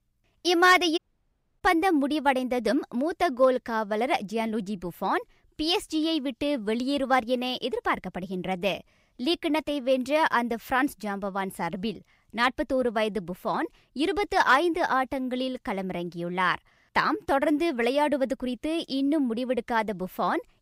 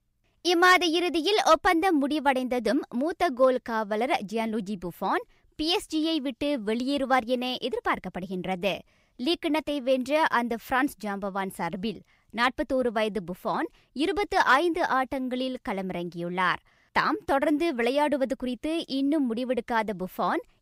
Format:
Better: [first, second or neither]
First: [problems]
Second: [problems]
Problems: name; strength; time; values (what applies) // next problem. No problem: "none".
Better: second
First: audio cutting out; at 1 s for 0.5 s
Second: none